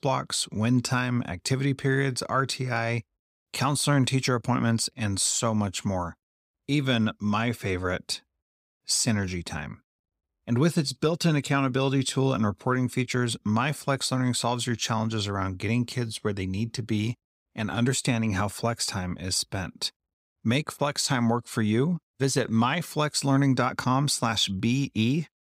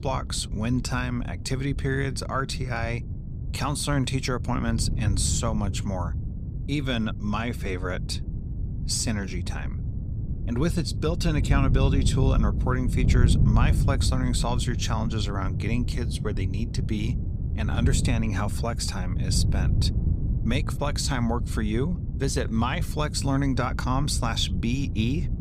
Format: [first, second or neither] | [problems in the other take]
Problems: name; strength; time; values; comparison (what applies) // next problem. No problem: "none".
first | wind noise on the microphone; occasional gusts; 10 dB below the speech